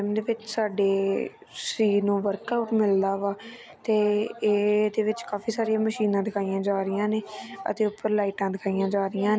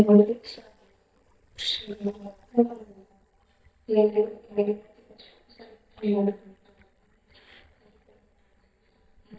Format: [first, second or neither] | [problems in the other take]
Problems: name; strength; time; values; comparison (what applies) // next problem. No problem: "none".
first | noise reduction (neural mask model DeepFilterNet 3)